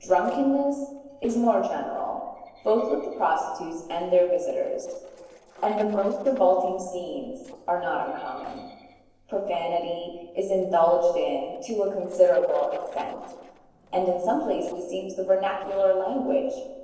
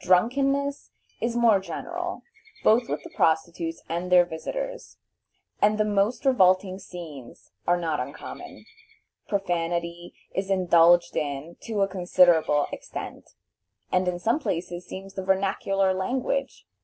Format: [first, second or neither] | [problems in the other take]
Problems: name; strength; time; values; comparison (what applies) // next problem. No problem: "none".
second | noise reduction (neural separator model SepFormer DNS4)